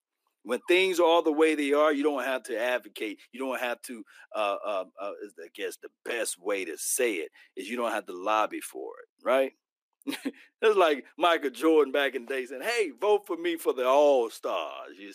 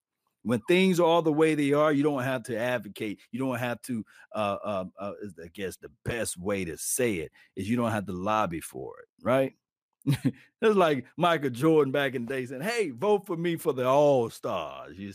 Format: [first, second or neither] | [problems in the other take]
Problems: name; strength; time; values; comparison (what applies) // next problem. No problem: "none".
second | thin; somewhat; fading below 300 Hz